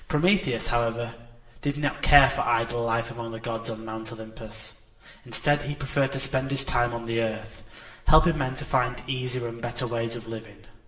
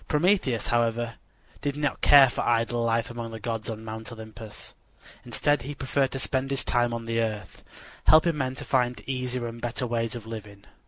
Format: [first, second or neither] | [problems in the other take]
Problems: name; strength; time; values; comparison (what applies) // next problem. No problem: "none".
second | room echo; dies away in 0.9 s